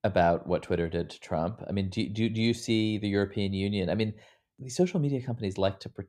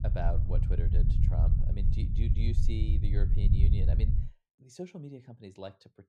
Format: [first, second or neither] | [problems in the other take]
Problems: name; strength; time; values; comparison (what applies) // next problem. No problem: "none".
first | low rumble; loud; until 4 s; as loud as the speech